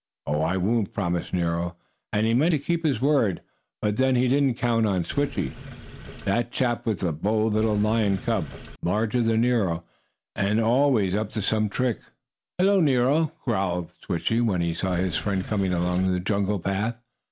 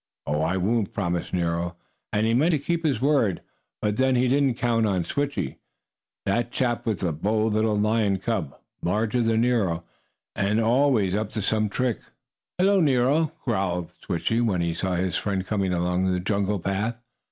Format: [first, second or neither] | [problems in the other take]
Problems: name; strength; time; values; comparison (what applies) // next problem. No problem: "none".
second | background sound (Sink (filling or washing)); 14 dB below the speech